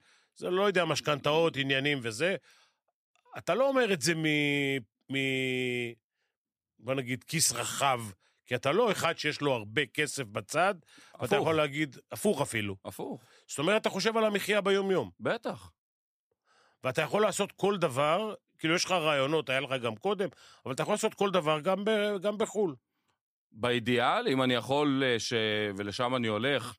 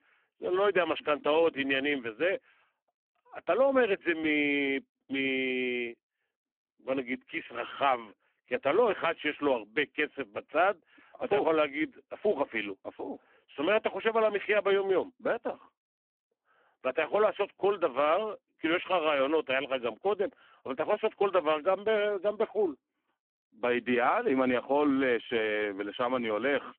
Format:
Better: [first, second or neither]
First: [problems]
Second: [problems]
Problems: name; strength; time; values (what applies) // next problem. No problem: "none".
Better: first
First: none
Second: phone-call audio; poor line